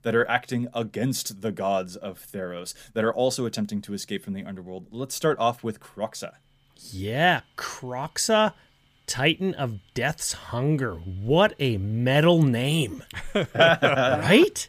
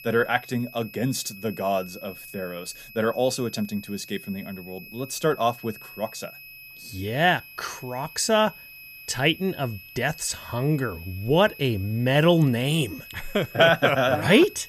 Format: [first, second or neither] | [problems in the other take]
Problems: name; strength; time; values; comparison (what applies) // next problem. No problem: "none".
first | high-pitched whine; noticeable; throughout; 2.5 kHz, 15 dB below the speech